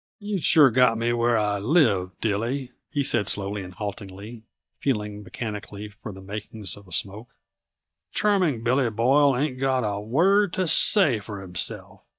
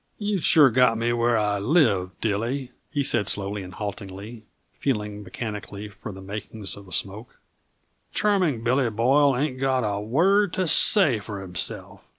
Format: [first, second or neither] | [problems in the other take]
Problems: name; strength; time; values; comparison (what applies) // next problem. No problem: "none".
second | noise reduction (neural mask model DeepFilterNet 3)